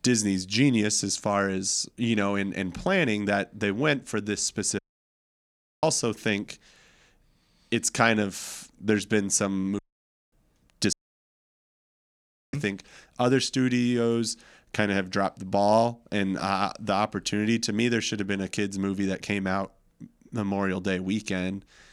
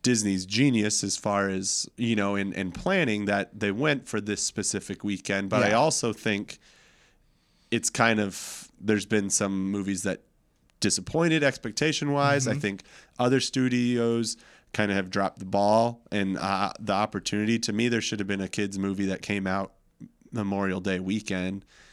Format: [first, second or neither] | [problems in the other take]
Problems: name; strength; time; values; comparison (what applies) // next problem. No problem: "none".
second | audio cutting out; at 5 s for 1 s, at 10 s for 0.5 s and at 11 s for 1.5 s